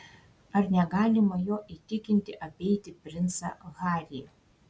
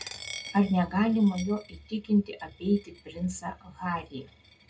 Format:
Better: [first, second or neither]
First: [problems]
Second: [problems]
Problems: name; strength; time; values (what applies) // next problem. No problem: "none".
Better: first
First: none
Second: background sound (Coin (dropping)); 18 dB below the speech // room echo; dies away in 0.2 s